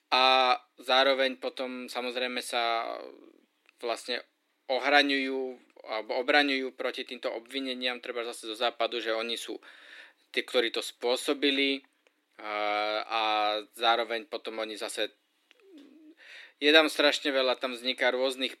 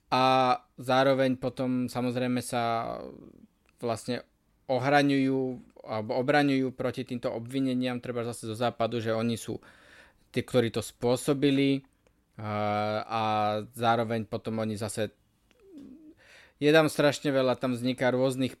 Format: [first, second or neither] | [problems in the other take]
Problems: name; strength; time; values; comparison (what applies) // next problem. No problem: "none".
second | thin; somewhat; fading below 300 Hz